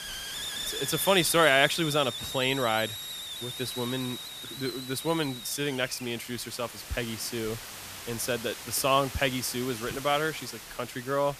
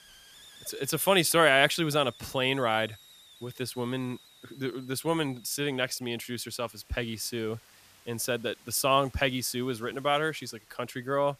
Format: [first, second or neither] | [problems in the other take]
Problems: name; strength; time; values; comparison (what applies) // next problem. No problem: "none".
second | hiss; loud; throughout; 8 dB below the speech; faint in the second